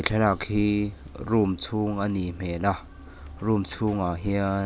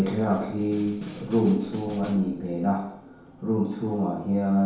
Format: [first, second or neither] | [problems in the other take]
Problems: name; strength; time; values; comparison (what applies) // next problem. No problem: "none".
first | background sound (Snare drum); 17 dB below the speech // room echo; dies away in 1 s